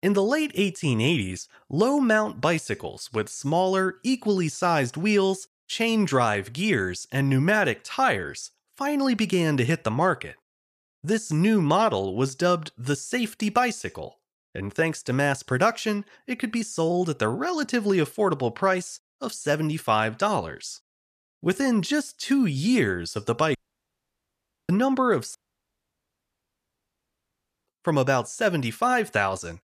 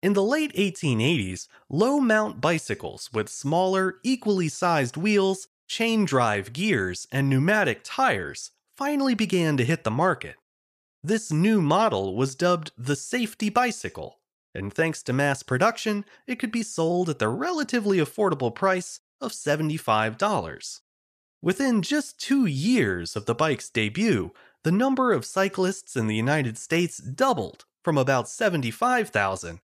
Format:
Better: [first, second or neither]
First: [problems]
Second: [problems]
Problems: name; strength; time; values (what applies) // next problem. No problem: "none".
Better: second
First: audio cutting out; at 24 s for 1 s and at 25 s for 2.5 s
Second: none